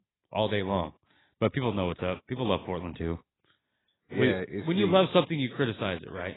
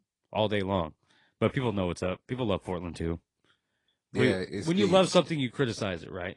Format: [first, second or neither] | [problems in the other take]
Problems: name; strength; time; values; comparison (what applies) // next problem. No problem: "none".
second | garbled, watery; badly; nothing above 4 kHz; slightly in the second